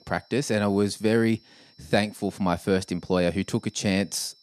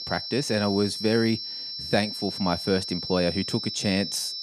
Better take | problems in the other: first | high-pitched whine; loud; throughout; 5.5 kHz, 5 dB below the speech; faint in the first

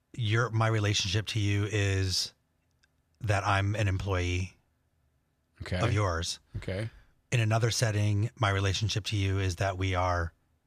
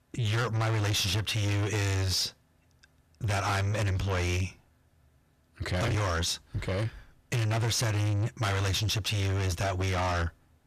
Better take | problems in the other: first | distortion; heavy; 7 dB below the speech

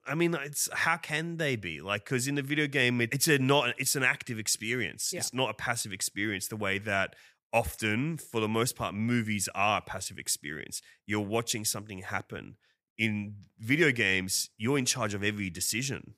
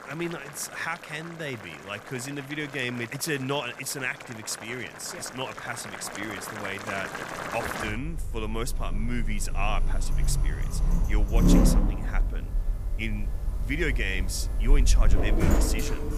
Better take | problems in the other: first | household noises; very loud; throughout; 4 dB above the speech

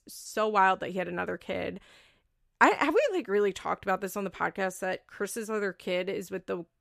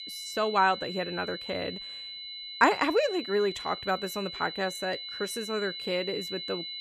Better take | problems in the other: first | high-pitched whine; loud; throughout; 4 kHz, 8 dB below the speech

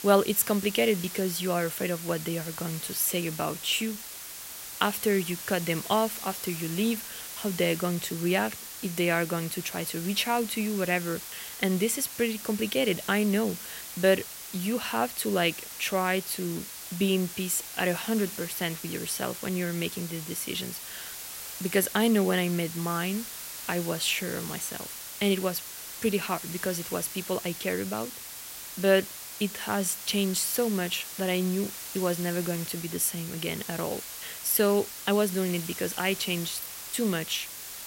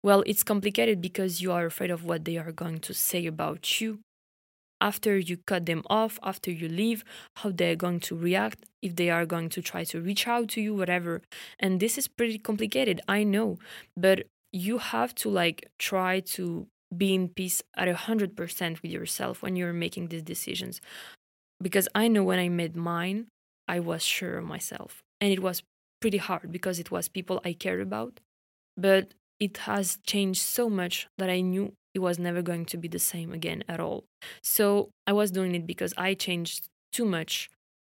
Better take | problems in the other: second | hiss; loud; throughout; 9 dB below the speech

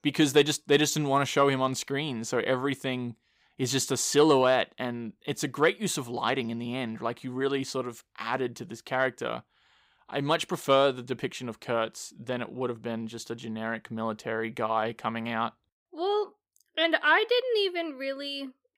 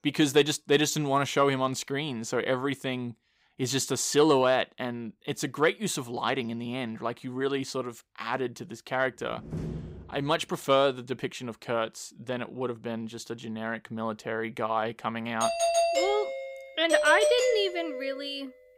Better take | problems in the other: first | door banging; noticeable; at 9.5 s; peak 7 dB below the speech // doorbell; loud; from 15 to 18 s; peak 4 dB above the speech

